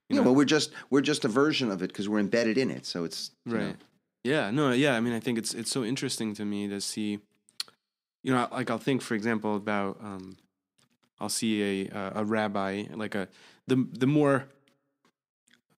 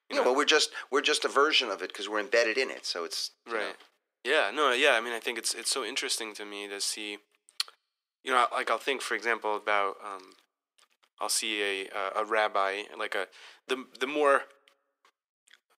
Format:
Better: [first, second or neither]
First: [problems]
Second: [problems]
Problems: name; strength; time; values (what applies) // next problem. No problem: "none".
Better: first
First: none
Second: thin; very; fading below 450 Hz